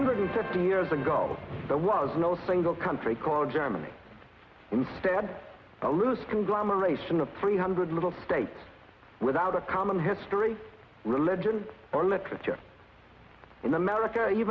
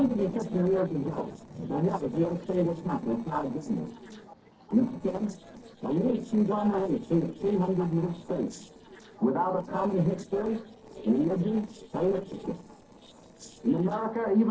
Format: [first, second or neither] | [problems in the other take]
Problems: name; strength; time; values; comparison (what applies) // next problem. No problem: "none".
first | noise reduction (neural separator model SepFormer DNS4)